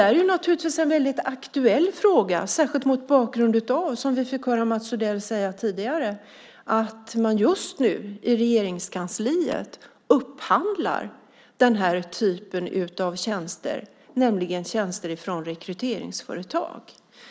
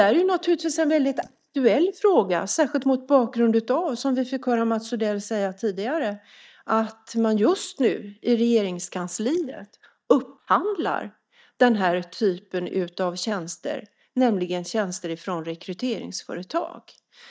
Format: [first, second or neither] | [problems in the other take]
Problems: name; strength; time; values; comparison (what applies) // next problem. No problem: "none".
first | noise reduction (neural mask model DeepFilterNet 3)